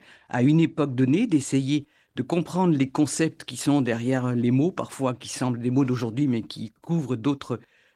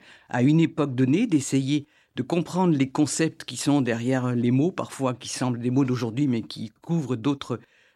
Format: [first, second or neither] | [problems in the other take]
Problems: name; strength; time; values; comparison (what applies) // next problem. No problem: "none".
second | garbled, watery; slightly; nothing above 16 kHz